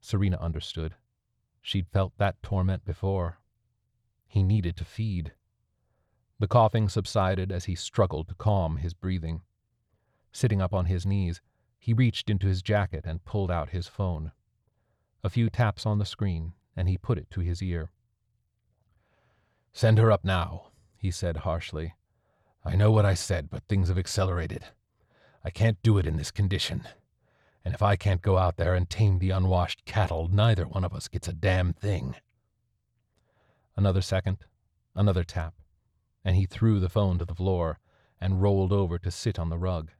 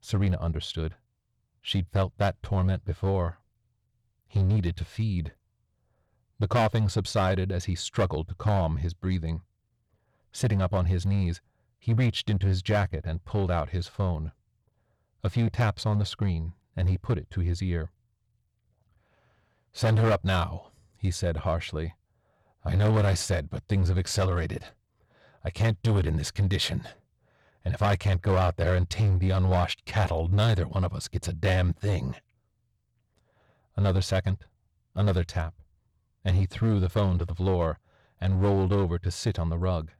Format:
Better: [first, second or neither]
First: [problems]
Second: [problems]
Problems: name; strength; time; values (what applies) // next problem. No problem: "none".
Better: first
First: none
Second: distortion; slight; 6% of the sound clipped